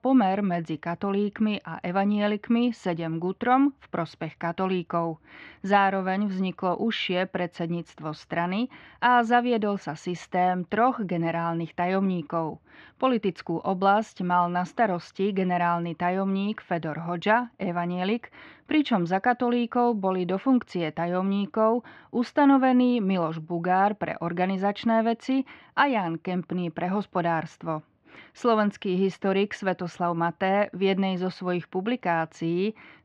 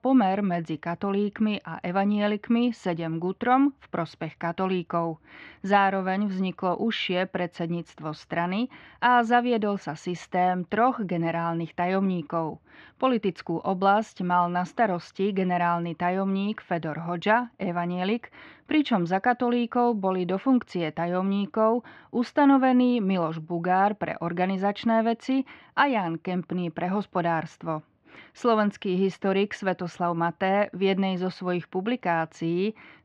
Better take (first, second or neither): neither